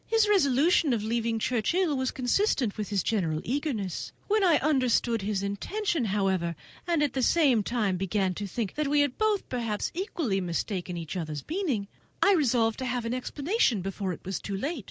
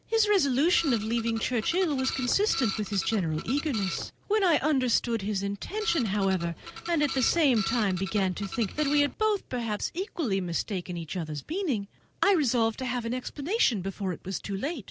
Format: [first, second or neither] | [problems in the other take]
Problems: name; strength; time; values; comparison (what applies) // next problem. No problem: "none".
first | background sound (Printer); 10 dB below the speech